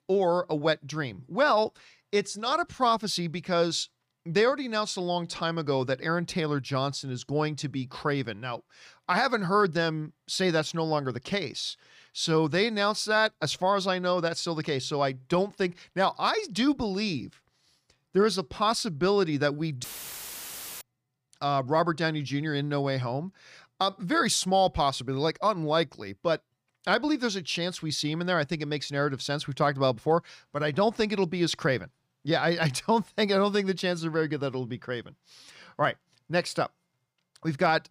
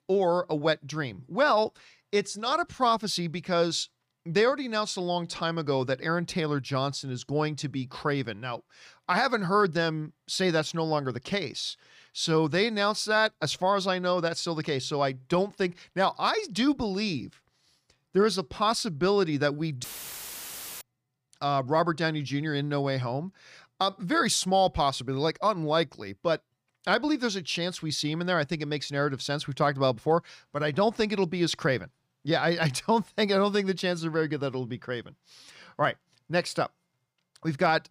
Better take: neither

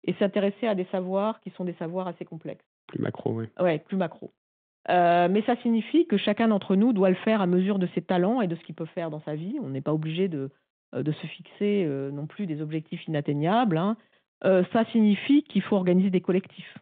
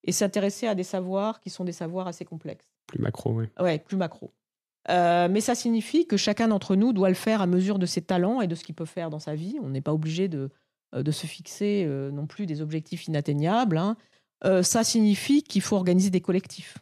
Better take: second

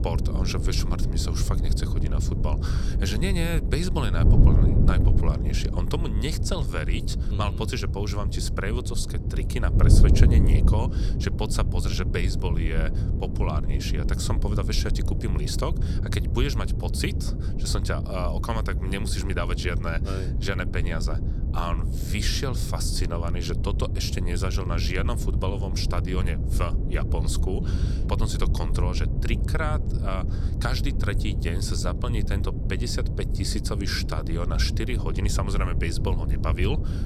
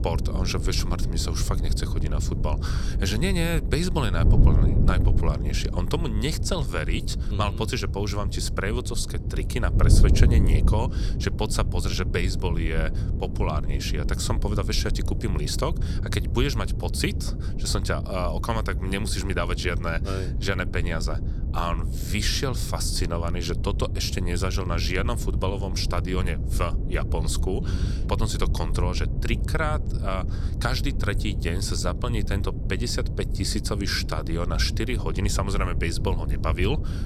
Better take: second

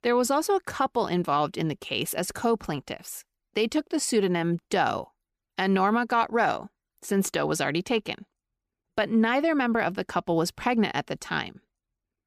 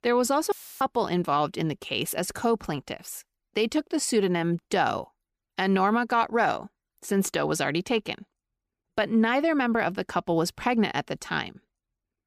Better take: first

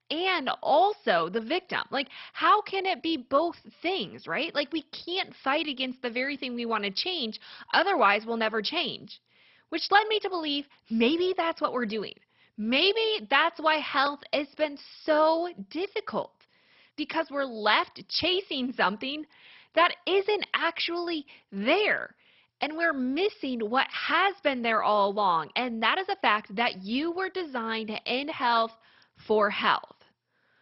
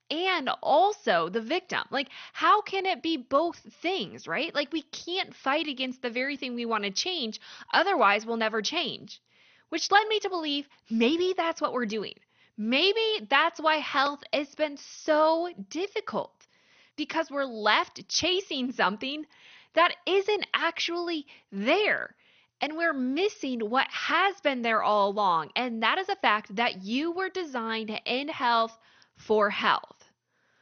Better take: second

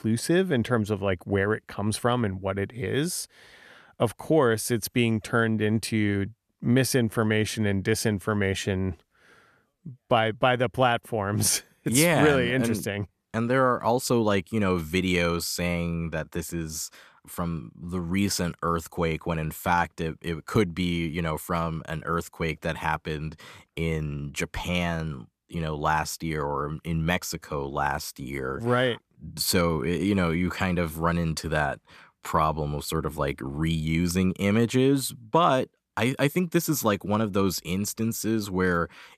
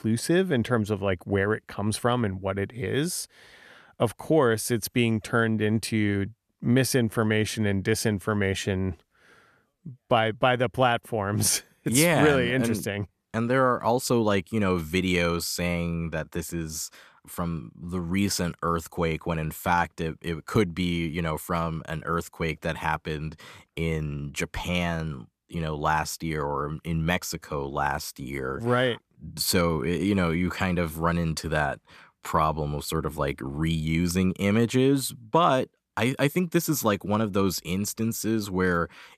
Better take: neither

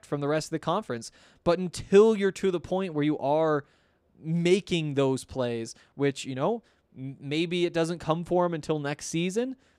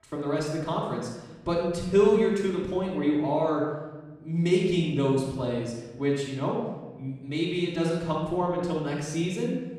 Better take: first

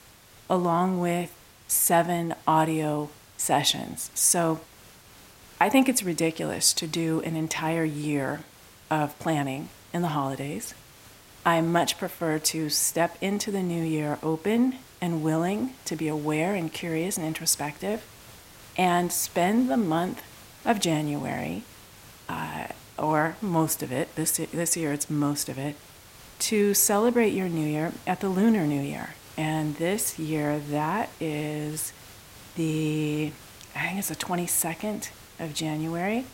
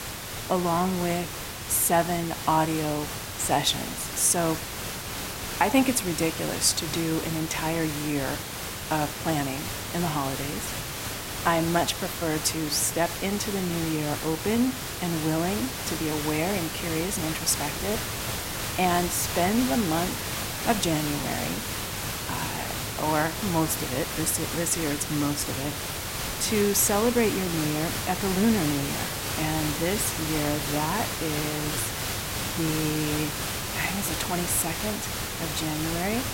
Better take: first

